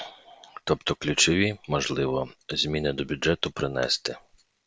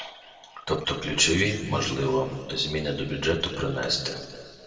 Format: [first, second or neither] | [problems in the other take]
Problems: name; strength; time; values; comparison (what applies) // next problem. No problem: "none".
first | room echo; dies away in 1.9 s